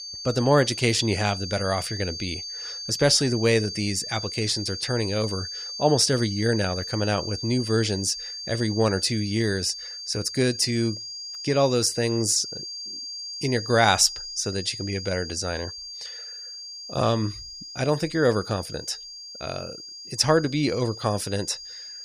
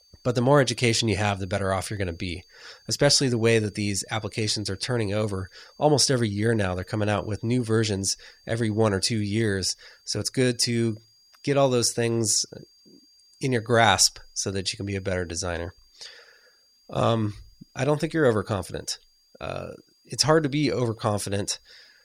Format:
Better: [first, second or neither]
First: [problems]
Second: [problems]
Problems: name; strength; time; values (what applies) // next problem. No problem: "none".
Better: second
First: high-pitched whine; loud; throughout; 4.5 kHz, 9 dB below the speech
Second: high-pitched whine; faint; throughout; 4.5 kHz, 30 dB below the speech